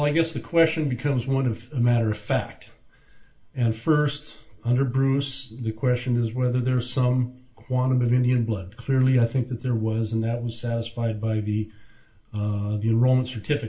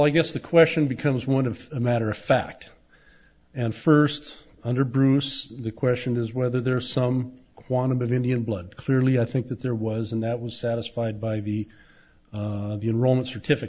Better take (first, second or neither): second